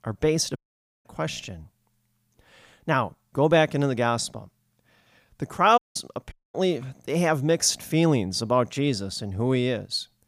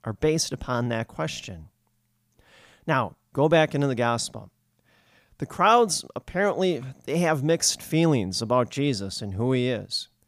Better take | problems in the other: second | audio cutting out; at 0.5 s, at 6 s and at 6.5 s

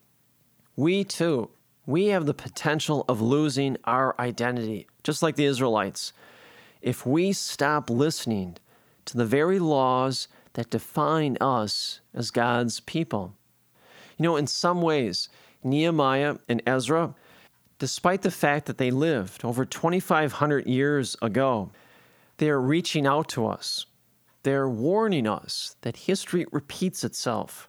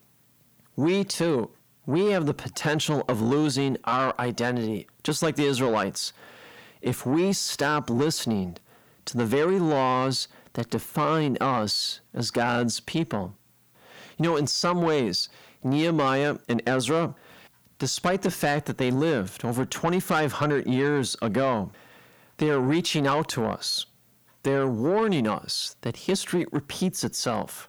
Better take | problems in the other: first | distortion; slight; 10 dB below the speech

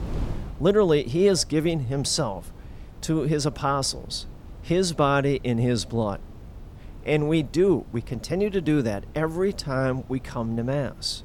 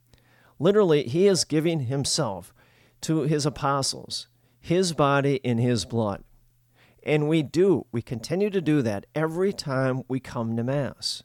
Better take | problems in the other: second | wind noise on the microphone; occasional gusts; 25 dB below the speech

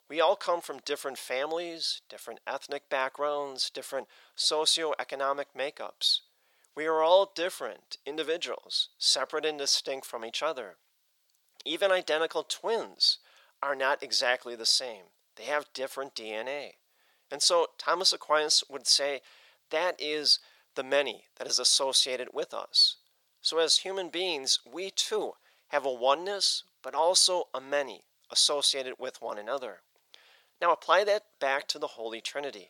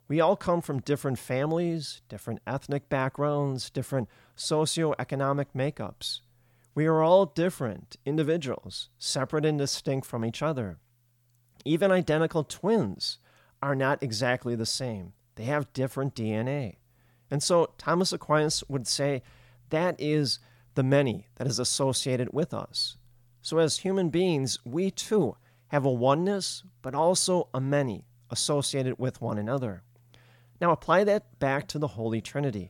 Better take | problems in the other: second | thin; very; fading below 500 Hz

